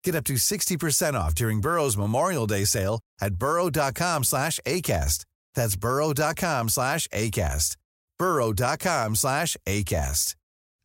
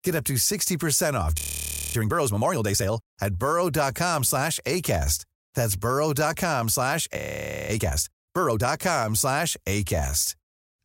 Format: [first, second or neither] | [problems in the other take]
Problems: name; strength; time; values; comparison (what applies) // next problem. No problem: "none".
first | audio freezing; at 1.5 s for 0.5 s and at 7 s for 0.5 s